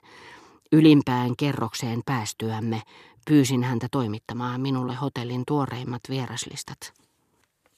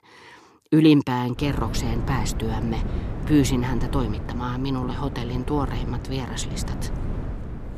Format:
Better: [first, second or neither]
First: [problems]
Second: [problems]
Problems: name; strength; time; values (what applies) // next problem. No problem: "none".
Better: first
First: none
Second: wind noise on the microphone; occasional gusts; from 1.5 s on; 10 dB below the speech